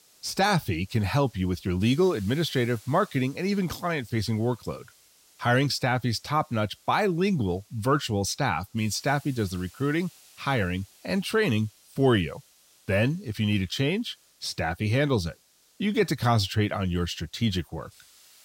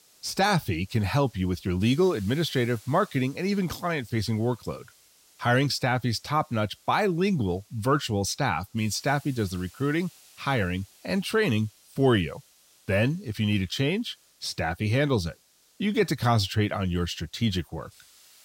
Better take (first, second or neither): neither